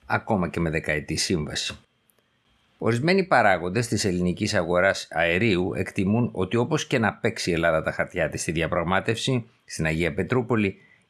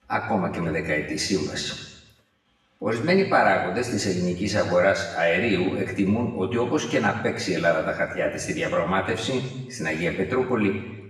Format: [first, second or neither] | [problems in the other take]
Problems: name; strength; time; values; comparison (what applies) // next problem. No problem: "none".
first | room echo; noticeable; dies away in 1 s // off-mic speech; far